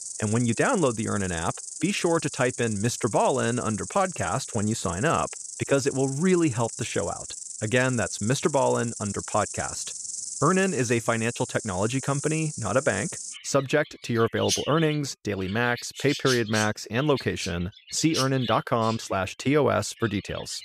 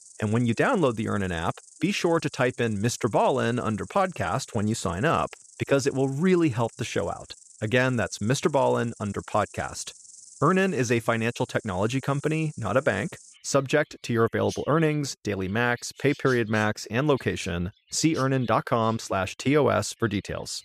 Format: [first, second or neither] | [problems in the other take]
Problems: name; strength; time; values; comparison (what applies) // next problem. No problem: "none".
second | animal sounds; loud; throughout; 8 dB below the speech; faint in the second